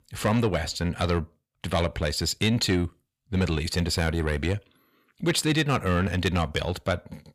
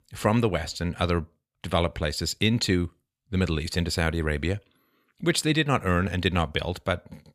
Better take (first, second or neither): second